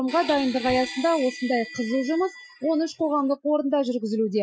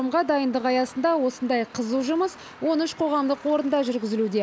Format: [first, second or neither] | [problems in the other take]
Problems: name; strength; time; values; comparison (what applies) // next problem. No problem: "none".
second | noise reduction (classical method Wiener filter)